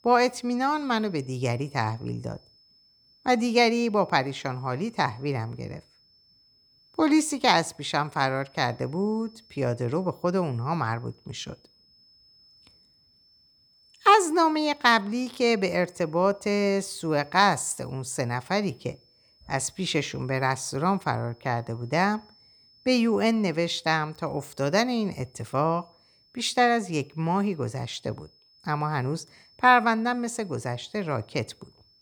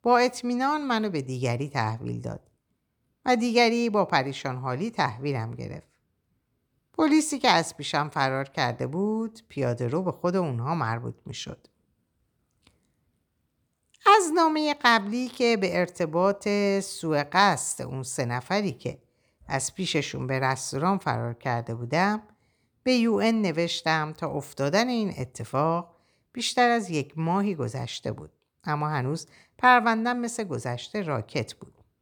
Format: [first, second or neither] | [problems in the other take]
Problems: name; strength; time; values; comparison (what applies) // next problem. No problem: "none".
second | high-pitched whine; faint; throughout; 5 kHz, 30 dB below the speech